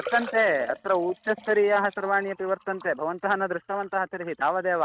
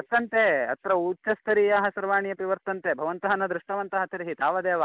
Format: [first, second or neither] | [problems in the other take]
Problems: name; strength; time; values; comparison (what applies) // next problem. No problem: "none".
second | noise reduction (neural mask model RNNoise)